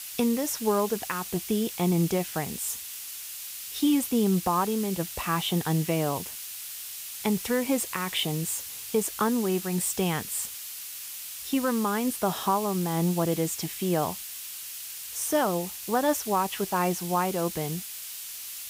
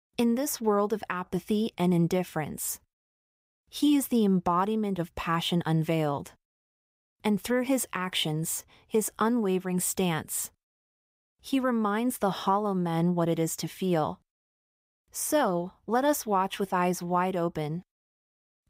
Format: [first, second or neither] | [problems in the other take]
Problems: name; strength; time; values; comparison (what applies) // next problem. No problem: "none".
second | hiss; loud; throughout; 8 dB below the speech